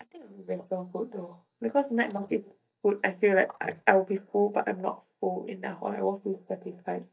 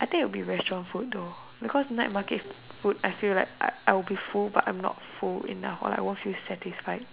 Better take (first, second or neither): second